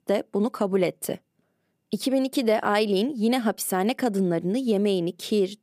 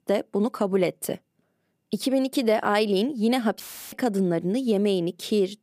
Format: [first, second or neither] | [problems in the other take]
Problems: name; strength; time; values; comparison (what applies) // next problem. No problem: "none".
first | audio cutting out; filled with static; at 3.5 s